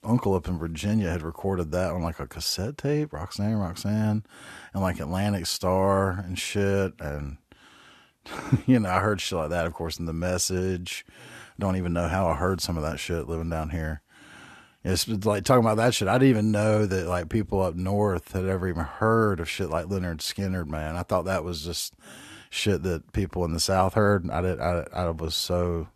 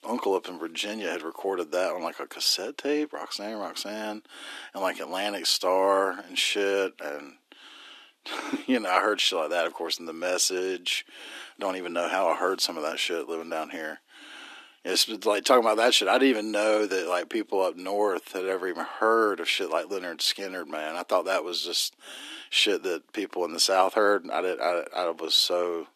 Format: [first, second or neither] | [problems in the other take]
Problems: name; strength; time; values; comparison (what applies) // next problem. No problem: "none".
first | thin; somewhat; fading below 300 Hz